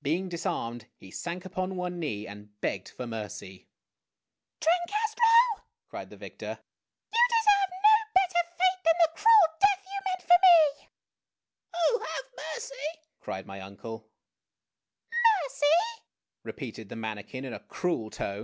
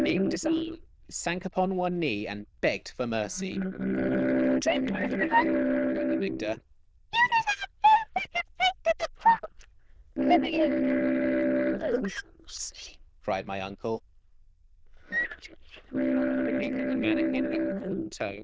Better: first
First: none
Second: noise reduction (neural diffusion model UNIVERSE++)

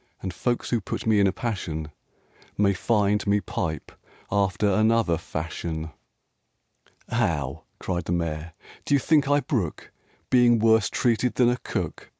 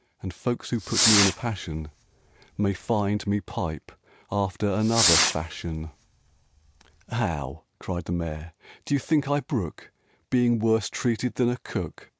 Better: first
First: none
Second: background sound (Fireworks); 1 dB below the speech

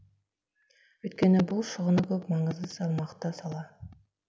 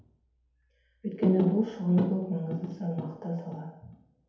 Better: first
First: none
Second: room echo; dies away in 2.2 s

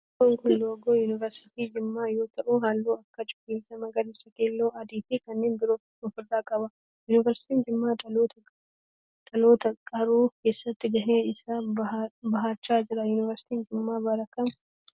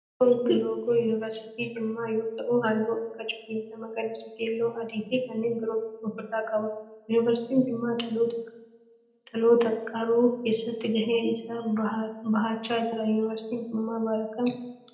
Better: first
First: none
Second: room echo; dies away in 0.7 s

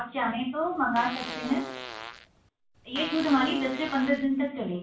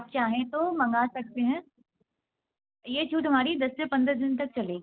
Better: second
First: background sound (Fart); 10 dB below the speech // room echo; dies away in 0.3 s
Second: none

